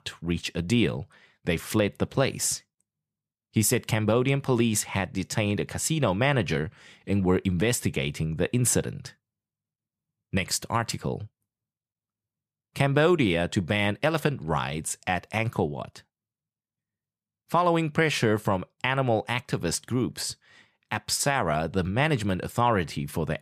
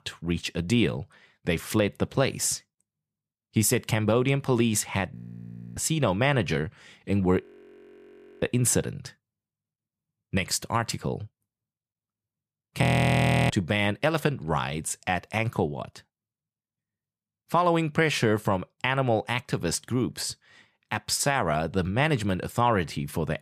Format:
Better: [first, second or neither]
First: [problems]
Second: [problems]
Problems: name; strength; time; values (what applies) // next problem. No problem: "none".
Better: first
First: none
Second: audio freezing; at 5 s for 0.5 s, at 7.5 s for 1 s and at 13 s for 0.5 s